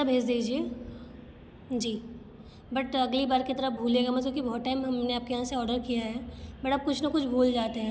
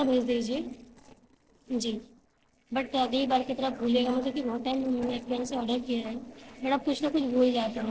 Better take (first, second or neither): first